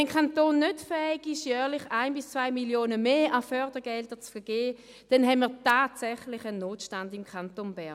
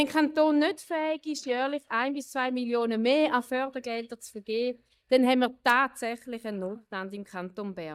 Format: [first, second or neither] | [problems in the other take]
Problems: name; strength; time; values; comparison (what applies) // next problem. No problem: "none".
first | noise reduction (neural mask model DeepFilterNet 3)